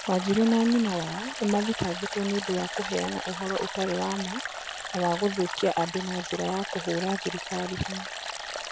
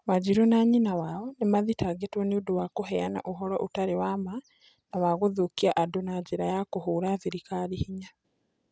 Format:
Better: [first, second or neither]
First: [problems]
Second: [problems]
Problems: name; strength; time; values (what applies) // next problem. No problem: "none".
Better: second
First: background sound (Stream); 7 dB below the speech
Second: none